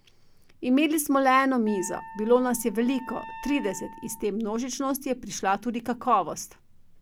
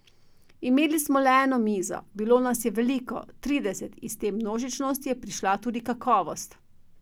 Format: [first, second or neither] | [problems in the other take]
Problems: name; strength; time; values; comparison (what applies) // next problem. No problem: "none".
second | background sound (Wind instrument, woodwind instrument); 16 dB below the speech